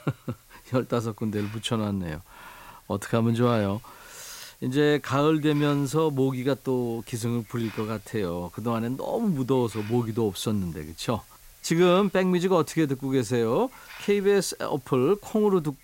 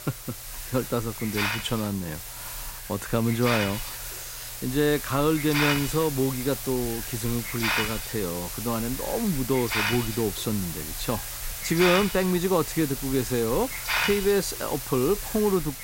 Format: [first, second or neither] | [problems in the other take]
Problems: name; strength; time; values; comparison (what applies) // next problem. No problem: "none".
first | hiss; loud; throughout; 4 dB below the speech; faint in the first